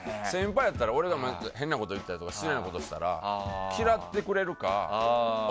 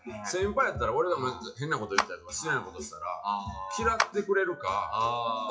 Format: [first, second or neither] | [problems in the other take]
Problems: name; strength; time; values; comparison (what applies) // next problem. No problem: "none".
first | noise reduction (classical method WPE with log-MMSE)